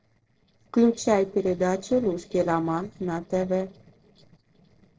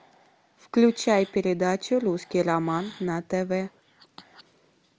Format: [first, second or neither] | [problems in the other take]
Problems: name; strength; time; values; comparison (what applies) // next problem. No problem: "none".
second | noise reduction (neural separator model SepFormer DNS4)